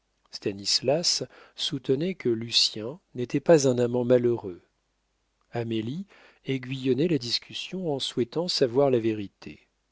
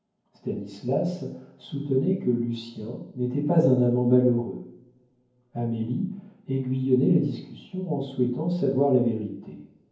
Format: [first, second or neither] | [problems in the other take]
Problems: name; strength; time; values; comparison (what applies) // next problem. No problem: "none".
first | room echo; dies away in 0.9 s